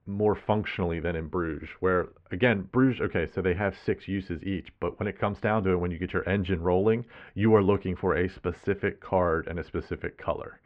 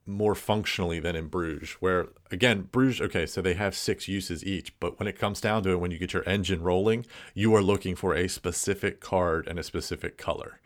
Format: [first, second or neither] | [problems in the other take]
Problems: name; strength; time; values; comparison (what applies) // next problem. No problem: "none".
second | muffled; very; fading above 2 kHz